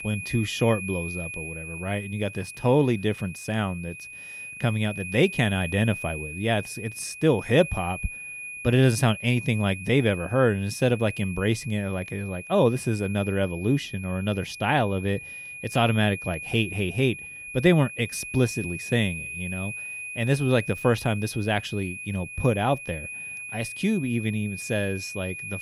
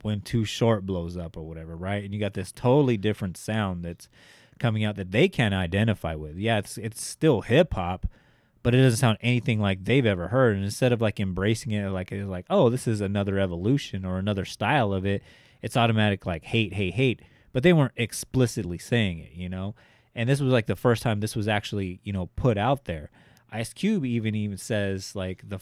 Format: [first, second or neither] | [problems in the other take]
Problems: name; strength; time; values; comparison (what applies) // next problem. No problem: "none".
second | high-pitched whine; noticeable; throughout; 2.5 kHz, 10 dB below the speech